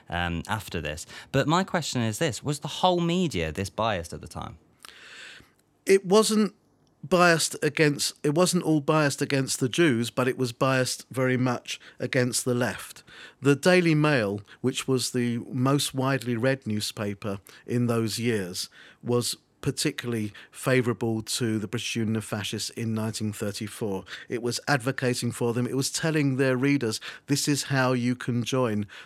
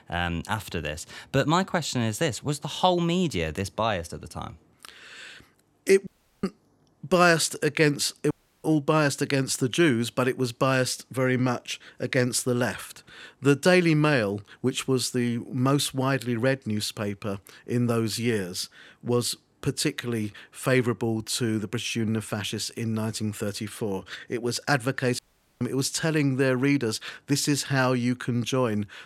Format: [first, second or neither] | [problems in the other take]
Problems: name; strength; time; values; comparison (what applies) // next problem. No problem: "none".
first | audio cutting out; at 6 s, at 8.5 s and at 25 s